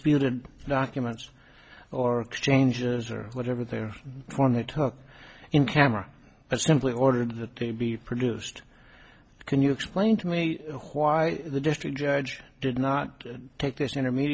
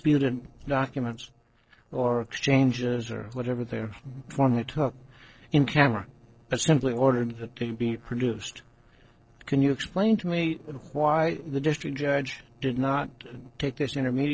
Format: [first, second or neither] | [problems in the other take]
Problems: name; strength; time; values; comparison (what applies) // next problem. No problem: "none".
first | noise reduction (neural separator model SepFormer DNS4)